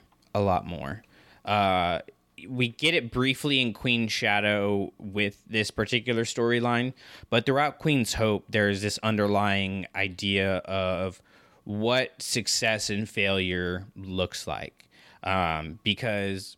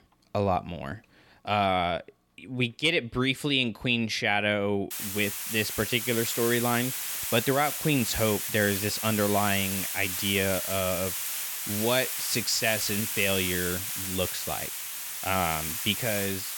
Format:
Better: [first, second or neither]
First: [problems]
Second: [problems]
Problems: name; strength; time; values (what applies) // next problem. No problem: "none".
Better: first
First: none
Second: hiss; loud; from 5 s on; 3 dB below the speech